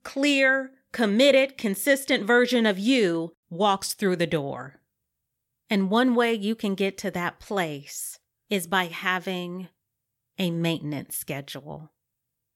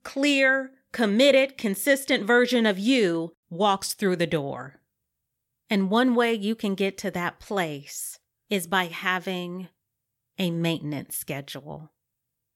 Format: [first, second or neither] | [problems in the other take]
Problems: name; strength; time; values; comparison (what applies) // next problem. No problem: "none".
neither | none